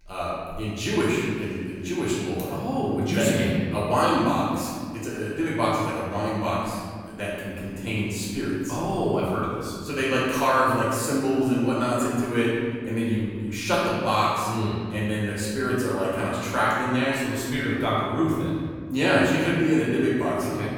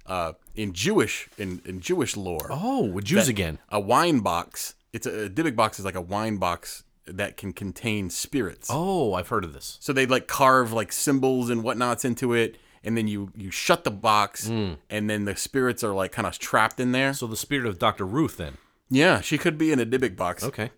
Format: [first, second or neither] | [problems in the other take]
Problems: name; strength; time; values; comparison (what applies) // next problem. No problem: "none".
second | room echo; strong; dies away in 2 s // off-mic speech; far